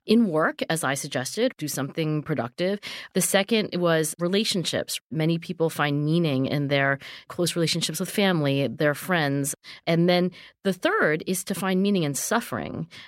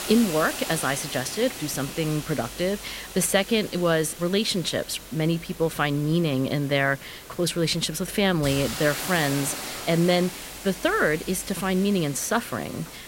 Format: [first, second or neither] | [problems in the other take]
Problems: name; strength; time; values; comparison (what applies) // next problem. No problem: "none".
first | hiss; noticeable; throughout; 10 dB below the speech